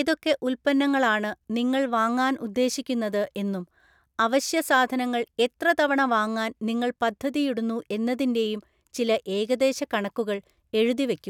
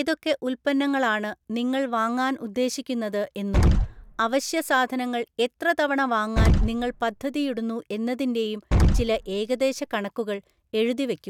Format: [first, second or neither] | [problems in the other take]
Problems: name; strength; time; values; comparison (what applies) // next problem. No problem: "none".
first | background sound (Explosion); 3 dB above the speech